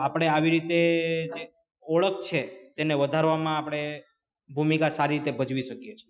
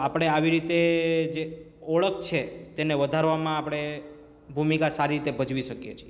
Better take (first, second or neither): second